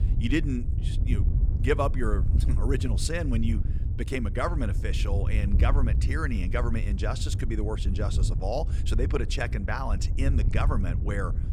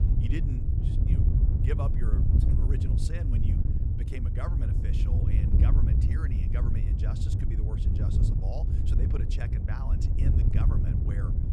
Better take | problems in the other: first | wind noise on the microphone; heavy; 3 dB above the speech; occasional gusts in the first

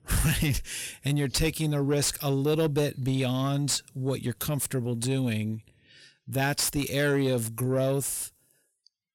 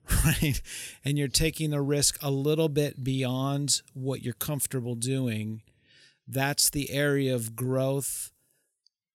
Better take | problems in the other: second | distortion; slight; 10 dB below the speech

